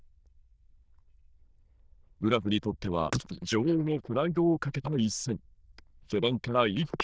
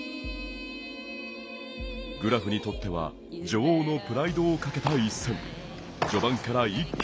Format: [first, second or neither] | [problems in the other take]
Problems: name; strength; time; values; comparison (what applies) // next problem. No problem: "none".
second | noise reduction (neural diffusion model UNIVERSE++)